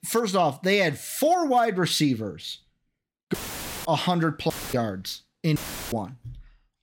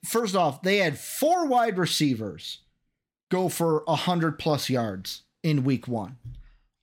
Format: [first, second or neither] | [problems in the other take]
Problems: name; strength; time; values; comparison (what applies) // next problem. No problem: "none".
second | audio cutting out; filled with static; at 3.5 s for 0.5 s, at 4.5 s and at 5.5 s